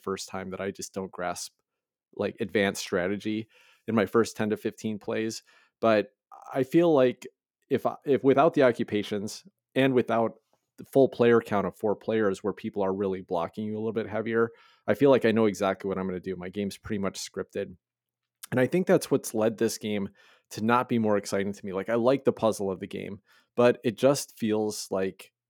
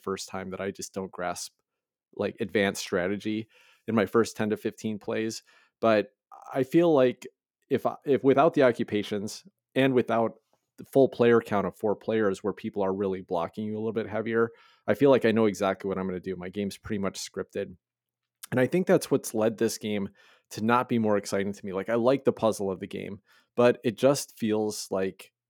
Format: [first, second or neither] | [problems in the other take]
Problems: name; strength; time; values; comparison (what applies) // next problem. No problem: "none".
neither | none